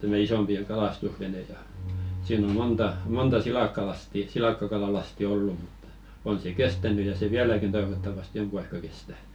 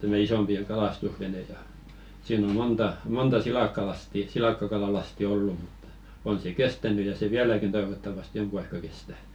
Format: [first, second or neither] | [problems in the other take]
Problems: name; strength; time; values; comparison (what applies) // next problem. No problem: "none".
second | background sound (Bowed string instrument); 6 dB below the speech